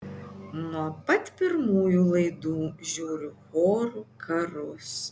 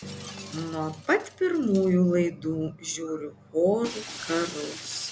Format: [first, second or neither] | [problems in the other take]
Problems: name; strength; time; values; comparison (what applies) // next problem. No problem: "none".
first | background sound (Shatter); 16 dB below the speech